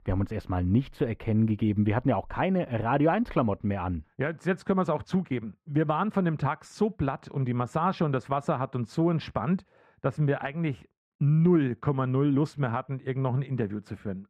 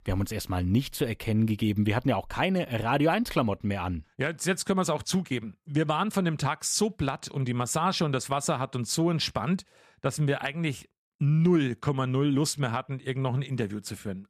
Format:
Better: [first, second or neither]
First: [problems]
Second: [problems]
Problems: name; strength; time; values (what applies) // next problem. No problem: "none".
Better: second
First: muffled; very; fading above 3.5 kHz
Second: none